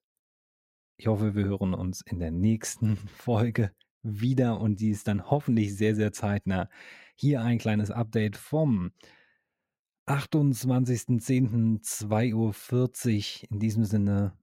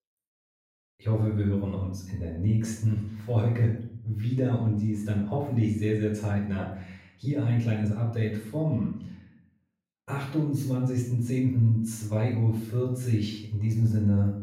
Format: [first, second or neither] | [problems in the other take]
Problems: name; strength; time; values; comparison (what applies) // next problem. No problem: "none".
first | off-mic speech; far // room echo; noticeable; dies away in 0.6 s